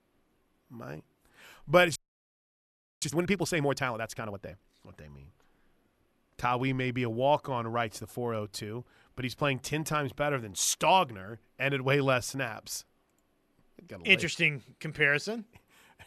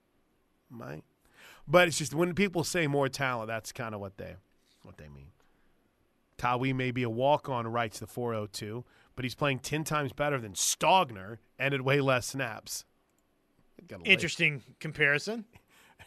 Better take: second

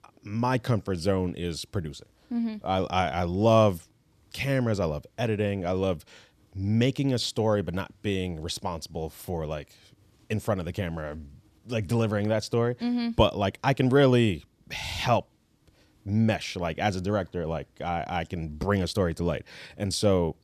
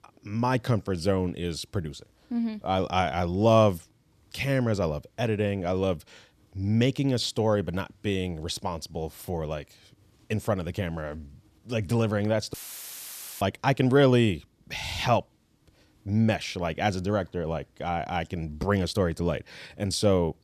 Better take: first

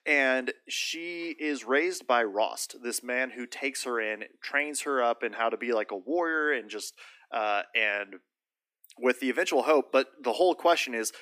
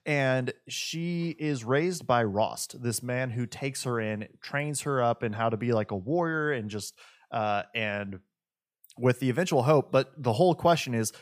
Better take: second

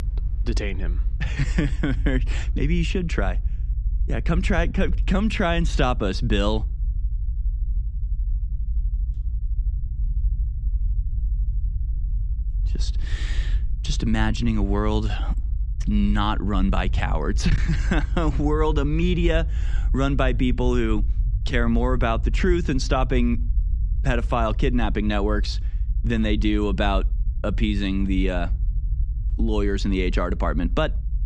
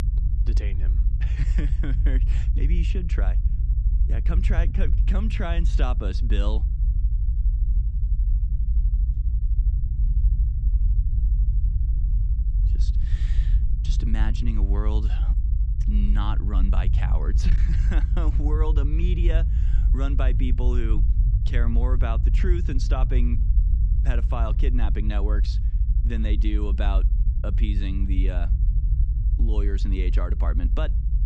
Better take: first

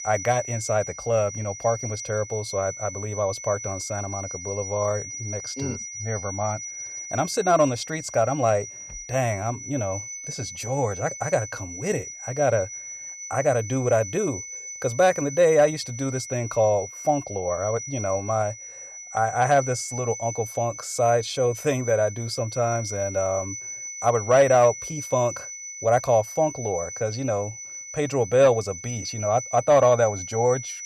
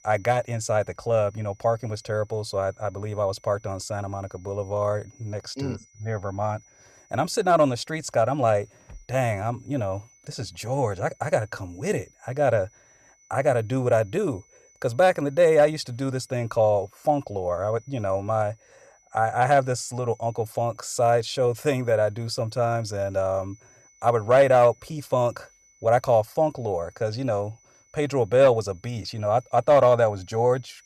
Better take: second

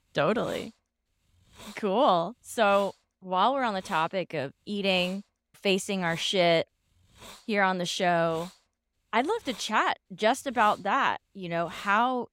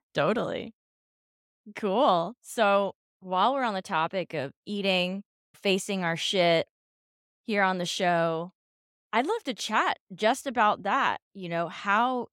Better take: second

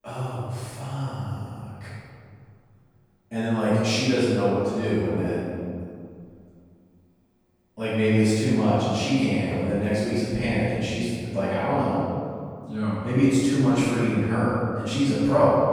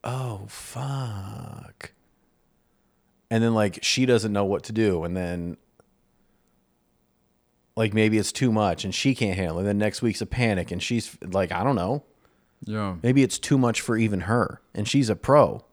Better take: second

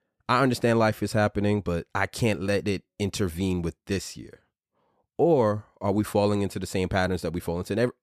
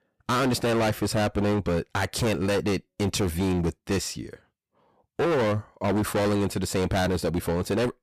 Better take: first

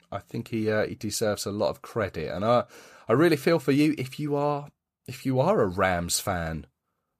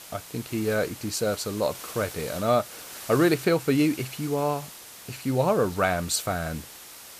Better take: first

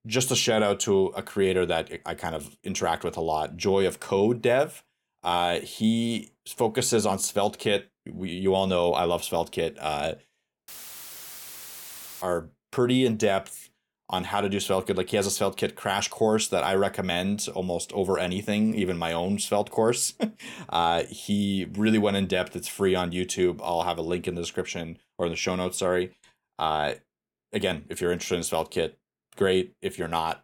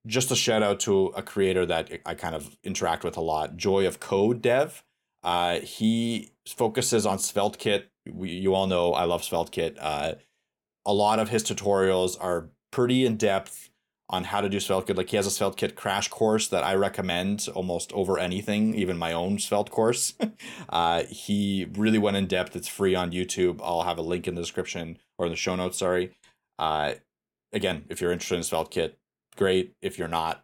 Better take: second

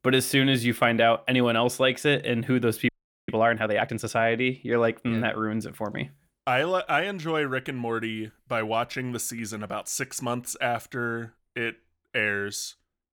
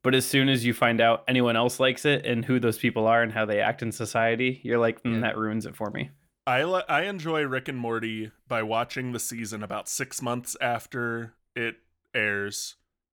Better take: second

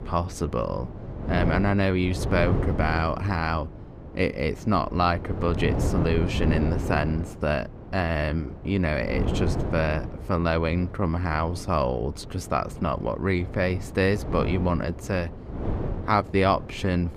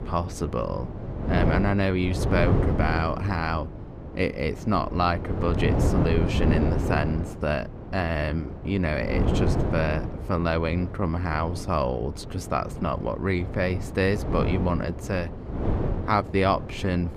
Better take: first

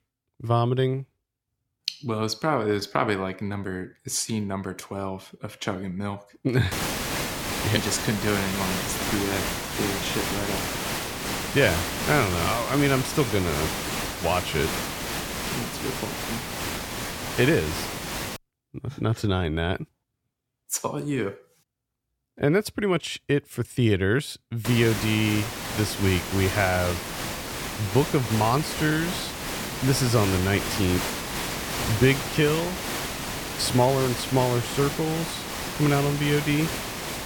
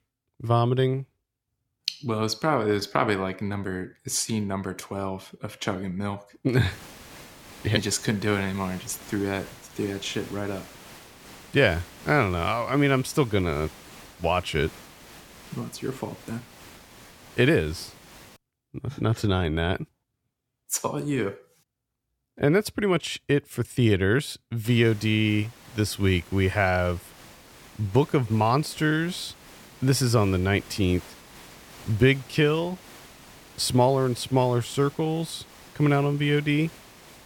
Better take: second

